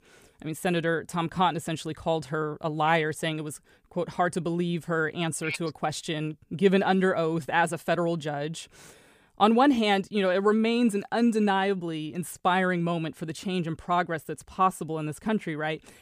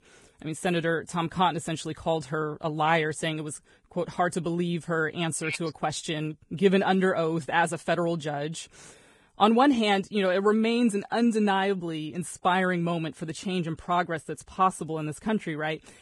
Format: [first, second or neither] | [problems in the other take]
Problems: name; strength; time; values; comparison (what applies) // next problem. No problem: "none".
first | garbled, watery; badly; nothing above 10.5 kHz